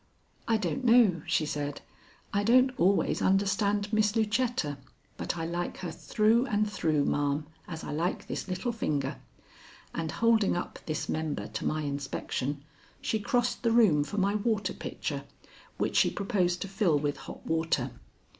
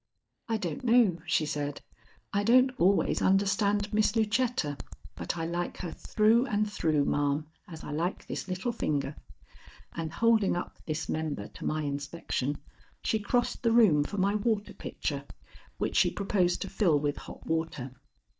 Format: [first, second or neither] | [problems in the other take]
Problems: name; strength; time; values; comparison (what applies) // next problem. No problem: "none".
first | noise reduction (neural mask model DeepFilterNet 3)